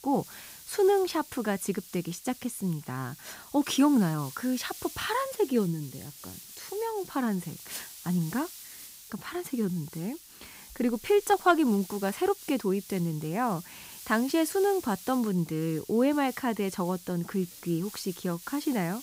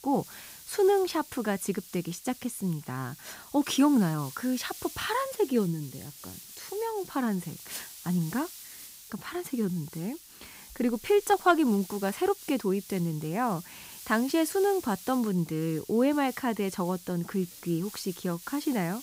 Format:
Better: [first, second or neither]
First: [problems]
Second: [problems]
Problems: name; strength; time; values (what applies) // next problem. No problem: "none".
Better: neither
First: hiss; noticeable; throughout; 15 dB below the speech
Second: hiss; noticeable; throughout; 15 dB below the speech